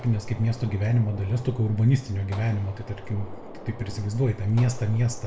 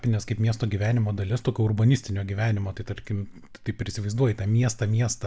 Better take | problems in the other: second | background sound (Gunshot, gunfire); 18 dB below the speech // room echo; dies away in 0.4 s

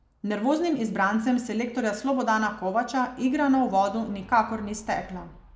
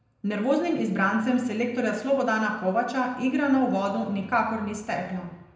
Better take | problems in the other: first | room echo; dies away in 0.8 s

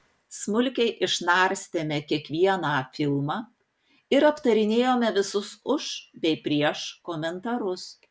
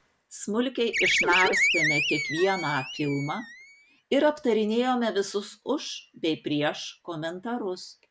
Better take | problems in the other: first | background sound (Animal); 1 dB above the speech

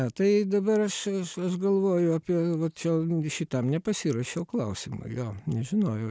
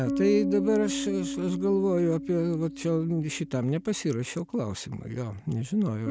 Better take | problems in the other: first | background sound (Bass guitar); 8 dB below the speech

